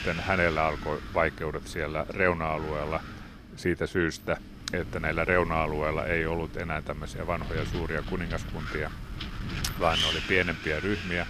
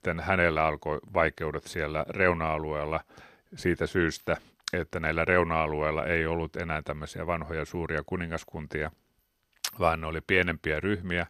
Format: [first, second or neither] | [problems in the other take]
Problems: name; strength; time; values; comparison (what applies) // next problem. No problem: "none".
second | wind noise on the microphone; heavy; 7 dB below the speech